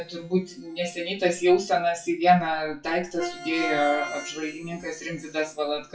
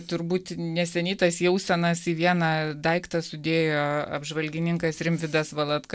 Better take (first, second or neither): second